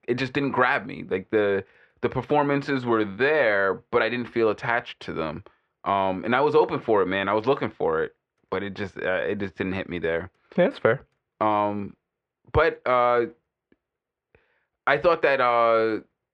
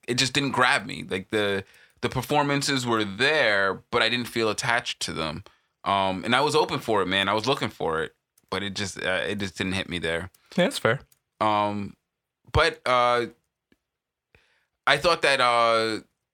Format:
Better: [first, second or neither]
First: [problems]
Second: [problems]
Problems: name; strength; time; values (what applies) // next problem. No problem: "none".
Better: second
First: muffled; very; fading above 2 kHz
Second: none